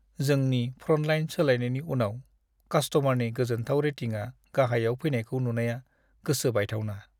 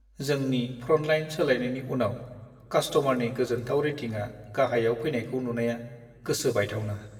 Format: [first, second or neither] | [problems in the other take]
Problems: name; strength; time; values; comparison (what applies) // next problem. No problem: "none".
first | room echo; dies away in 1.5 s